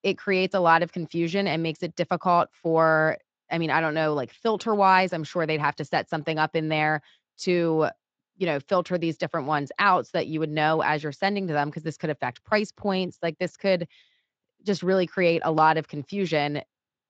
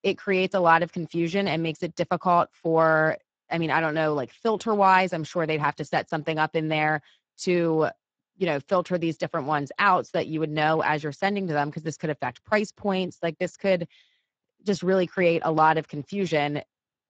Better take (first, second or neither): first